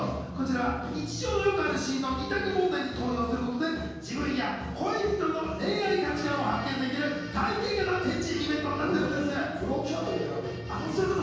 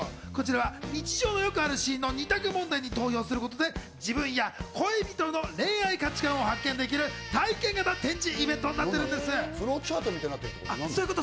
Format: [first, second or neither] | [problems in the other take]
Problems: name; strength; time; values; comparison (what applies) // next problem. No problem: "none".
second | room echo; dies away in 1.3 s